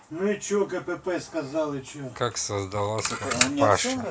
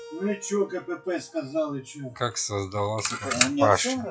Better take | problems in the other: first | noise reduction (classical method log-MMSE)

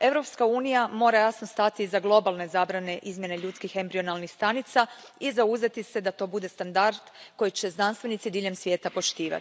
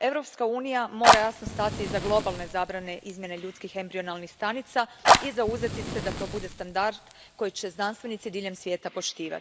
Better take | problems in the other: first | background sound (Fire); 1 dB above the speech

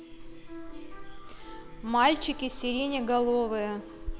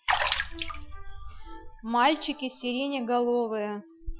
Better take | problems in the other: first | noise reduction (classical method Wiener filter)

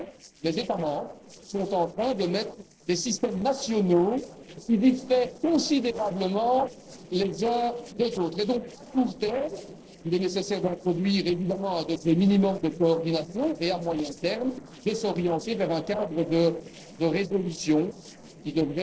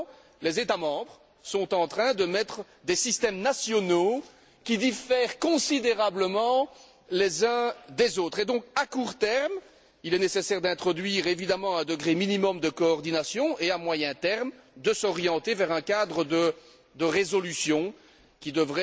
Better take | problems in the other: second | noise reduction (neural separator model SepFormer DNS4)

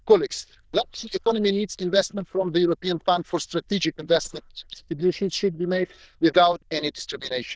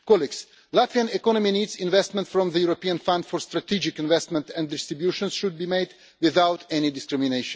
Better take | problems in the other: second | noise reduction (neural diffusion model UNIVERSE++)

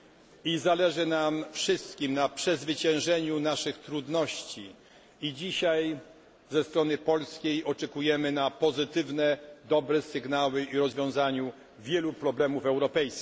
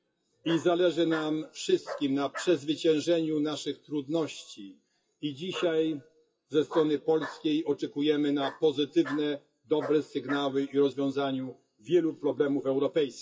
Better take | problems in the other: first | noise reduction (classical method WPE with log-MMSE)

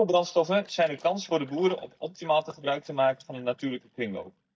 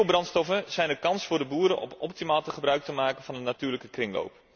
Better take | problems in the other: second | noise reduction (neural mask model DeepFilterNet 3)

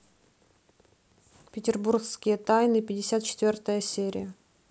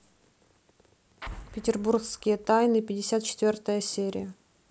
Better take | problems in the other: first | background sound (Explosion); 16 dB below the speech

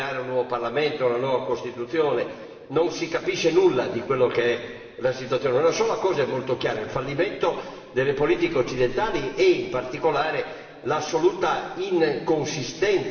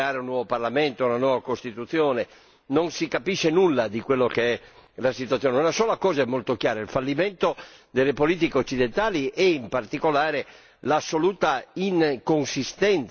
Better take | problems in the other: second | room echo; dies away in 2.2 s

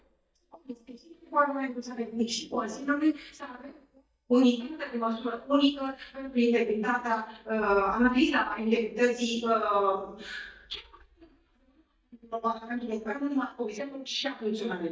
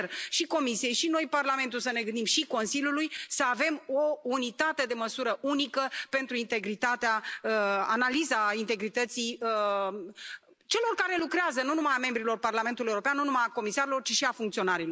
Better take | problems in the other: second | noise reduction (neural mask model DeepFilterNet 3)

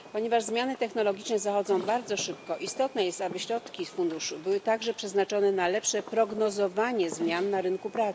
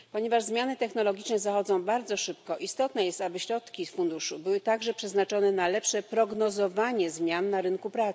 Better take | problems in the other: second | background sound (Dog + Fireworks); 18 dB below the speech

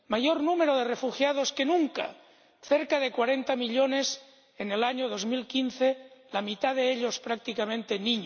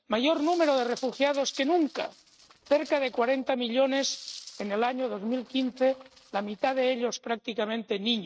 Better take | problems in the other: first | noise reduction (neural mask model RNNoise)

